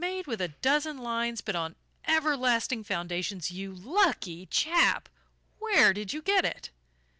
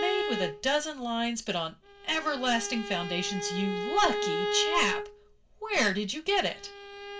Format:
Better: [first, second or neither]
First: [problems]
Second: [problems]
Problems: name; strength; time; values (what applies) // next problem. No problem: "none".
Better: first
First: none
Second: background sound (Bowed string instrument); 5 dB below the speech // room echo; dies away in 0.2 s